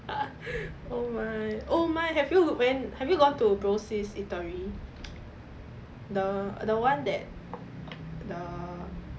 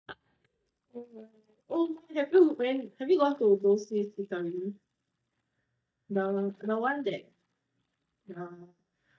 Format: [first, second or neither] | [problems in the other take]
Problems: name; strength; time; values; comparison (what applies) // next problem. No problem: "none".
first | noise reduction (neural mask model DeepFilterNet 3)